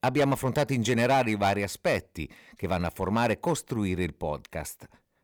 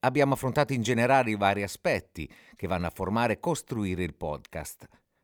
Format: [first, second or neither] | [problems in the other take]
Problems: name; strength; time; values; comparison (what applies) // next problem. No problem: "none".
second | distortion; slight; 4% of the sound clipped